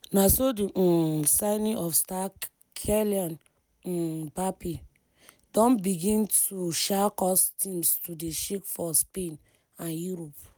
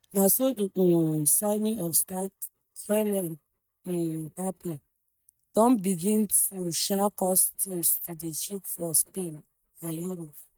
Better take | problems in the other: first | noise reduction (neural mask model DeepFilterNet 3)

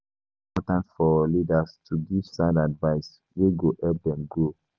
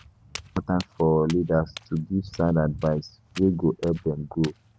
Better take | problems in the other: first | background sound (Walk, footsteps); 19 dB below the speech

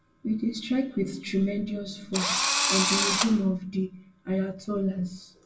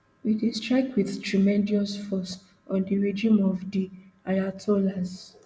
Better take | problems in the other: second | background sound (Engine / Drill); 3 dB above the speech // room echo; dies away in 0.2 s

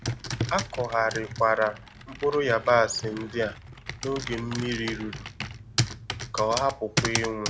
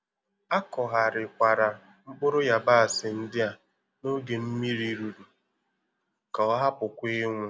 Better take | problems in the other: second | background sound (Computer keyboard); 6 dB below the speech

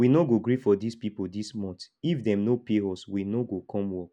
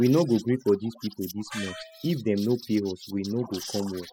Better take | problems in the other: first | noise reduction (classical method spectral subtraction)

